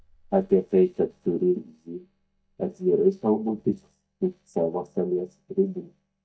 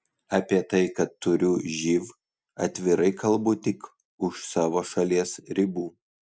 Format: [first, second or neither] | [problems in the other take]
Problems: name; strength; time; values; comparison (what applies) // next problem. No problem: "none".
second | noise reduction (neural mask model DeepFilterNet 3)